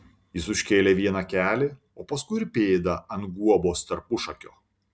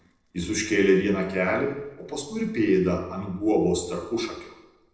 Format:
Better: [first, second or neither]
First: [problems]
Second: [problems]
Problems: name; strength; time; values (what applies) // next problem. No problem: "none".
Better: first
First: none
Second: noise reduction (neural separator model SepFormer DNS4)